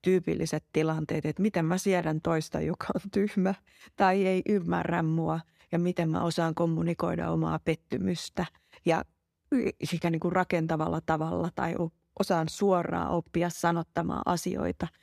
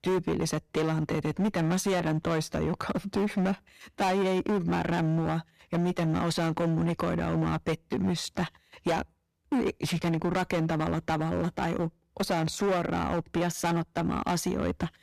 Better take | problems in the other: first | distortion; heavy; 15% of the sound clipped

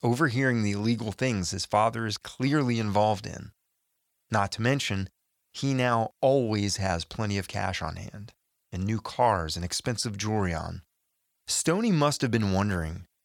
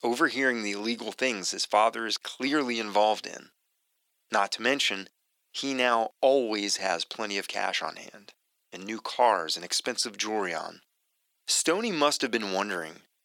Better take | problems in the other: first | thin; somewhat; fading below 300 Hz

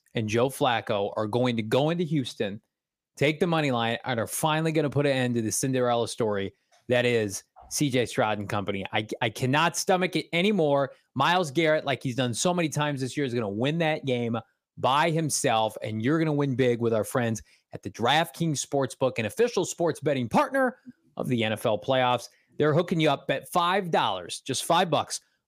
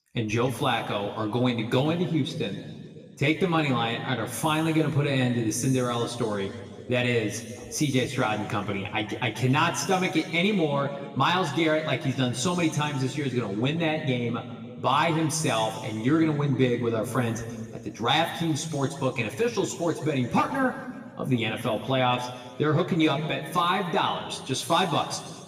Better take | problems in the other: first | room echo; noticeable; dies away in 1.8 s // off-mic speech; somewhat distant

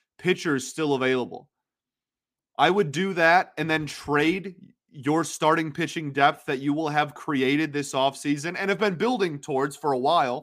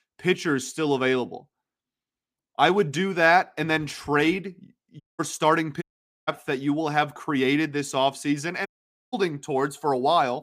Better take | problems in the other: first | audio cutting out; at 5 s, at 6 s and at 8.5 s

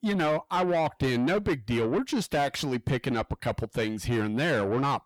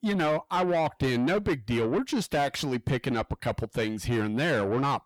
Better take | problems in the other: neither | distortion; heavy; 8 dB below the speech; the same in both

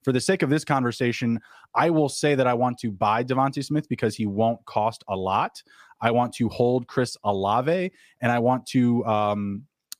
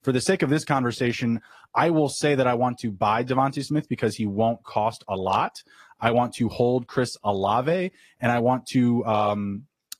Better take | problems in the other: first | garbled, watery; slightly; nothing above 14.5 kHz

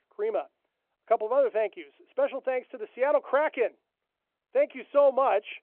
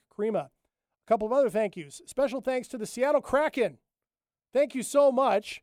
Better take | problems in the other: second | phone-call audio

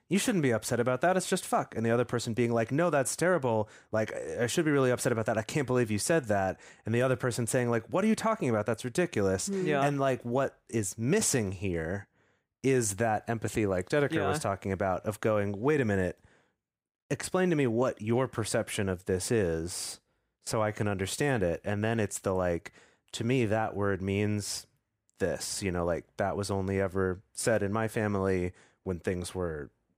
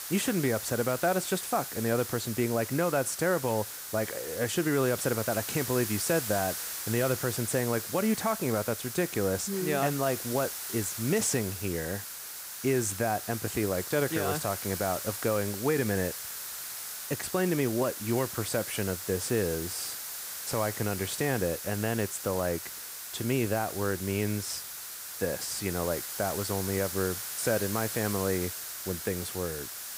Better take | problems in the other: first | hiss; loud; throughout; 5 dB below the speech

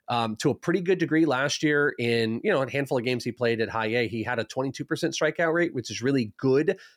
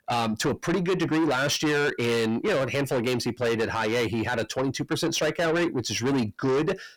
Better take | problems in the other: first | distortion; heavy; 7 dB below the speech

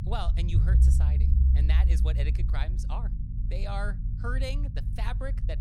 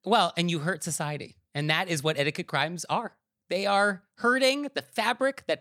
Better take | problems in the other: second | low rumble; loud; throughout; 5 dB below the speech

